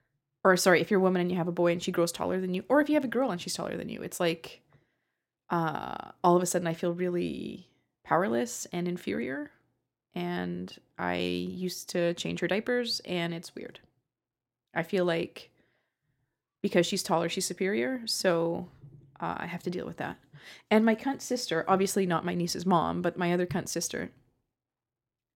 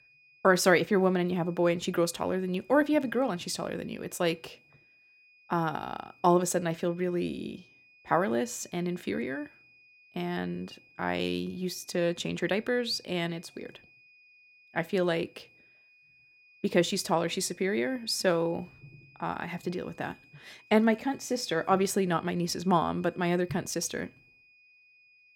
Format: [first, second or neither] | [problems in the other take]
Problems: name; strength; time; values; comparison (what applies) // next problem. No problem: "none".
first | high-pitched whine; faint; throughout; 2.5 kHz, 30 dB below the speech